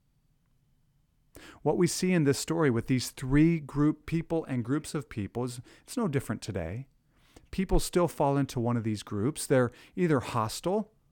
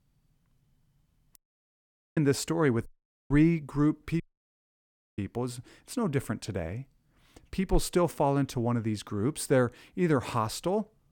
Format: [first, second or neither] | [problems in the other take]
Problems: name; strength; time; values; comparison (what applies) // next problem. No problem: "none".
first | audio cutting out; at 1.5 s for 1 s, at 3 s and at 4 s for 1 s